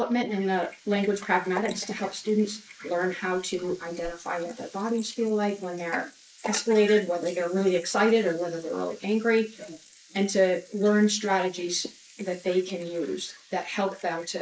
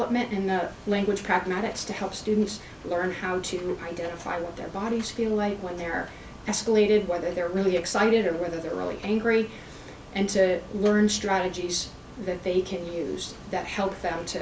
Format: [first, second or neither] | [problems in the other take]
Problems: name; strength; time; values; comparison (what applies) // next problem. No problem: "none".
second | noise reduction (neural mask model Resemble Enhance denoiser)